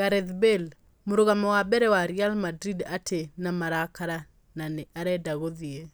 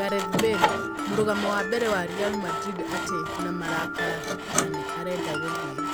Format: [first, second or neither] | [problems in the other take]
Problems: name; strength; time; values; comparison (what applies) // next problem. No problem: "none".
first | background sound (Mallet percussion + Sawing); 1 dB above the speech